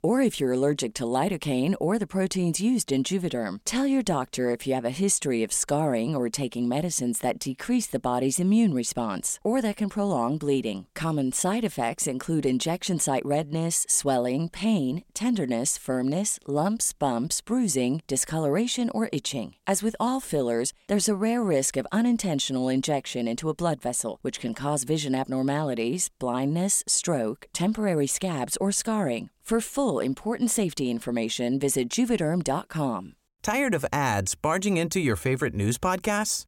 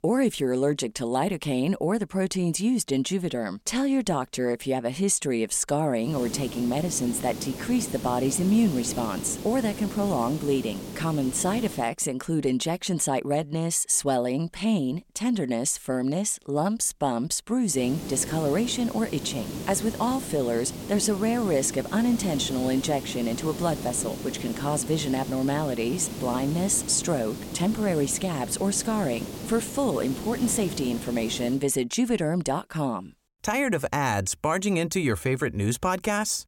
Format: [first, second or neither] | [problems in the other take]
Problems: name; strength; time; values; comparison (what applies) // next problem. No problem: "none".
first | hiss; loud; from 6 to 12 s and from 18 to 32 s; 10 dB below the speech